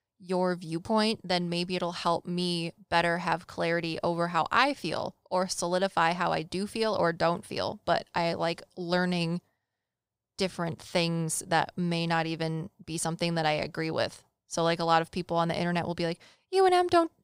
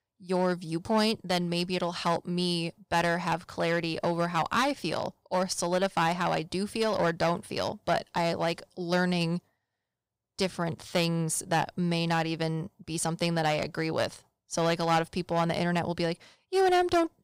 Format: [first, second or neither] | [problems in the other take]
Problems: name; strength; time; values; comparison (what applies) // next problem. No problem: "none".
first | distortion; slight; 4% of the sound clipped